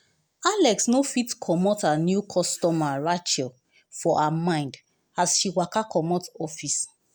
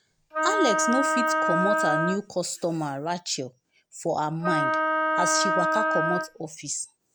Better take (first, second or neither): first